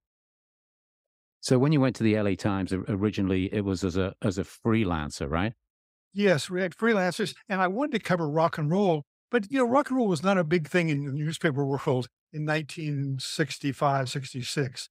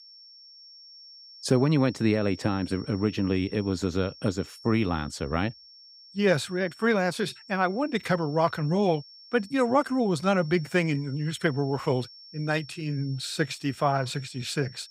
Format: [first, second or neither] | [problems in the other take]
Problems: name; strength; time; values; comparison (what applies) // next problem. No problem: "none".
first | high-pitched whine; noticeable; throughout; 5.5 kHz, 20 dB below the speech